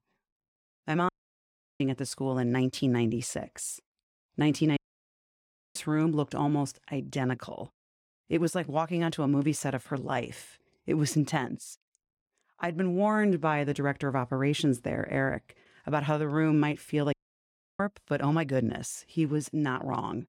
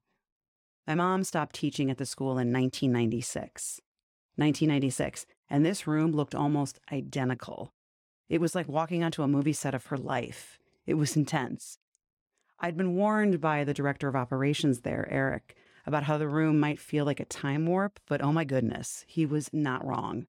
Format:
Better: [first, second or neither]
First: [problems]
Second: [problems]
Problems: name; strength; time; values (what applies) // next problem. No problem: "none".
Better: second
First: audio cutting out; at 1 s for 0.5 s, at 5 s for 1 s and at 17 s for 0.5 s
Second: none